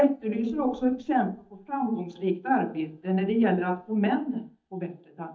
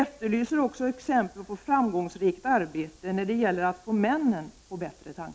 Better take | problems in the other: second | noise reduction (neural mask model DeepFilterNet 3)

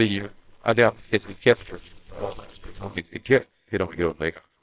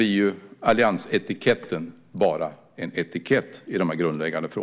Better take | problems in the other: second | noise reduction (neural separator model SepFormer WHAMR!)

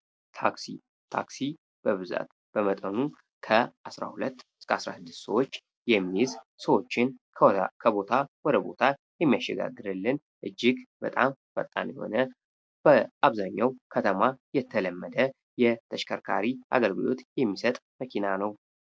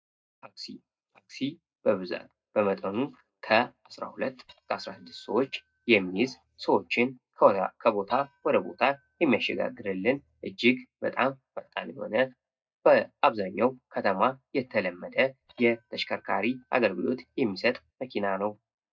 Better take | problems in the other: first | noise reduction (neural mask model DeepFilterNet 3)

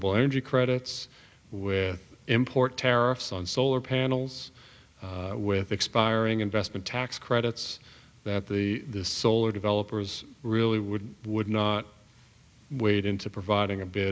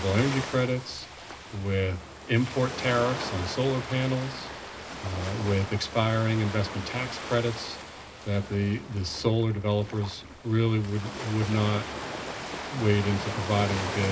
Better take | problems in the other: first | background sound (Ocean); 9 dB below the speech // room echo; dies away in 0.4 s

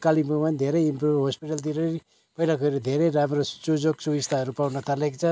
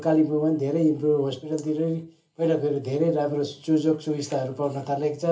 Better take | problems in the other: first | room echo; dies away in 0.3 s

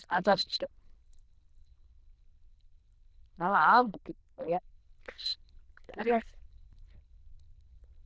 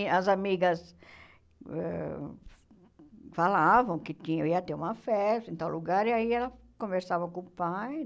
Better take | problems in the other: second | noise reduction (neural diffusion model UNIVERSE++)

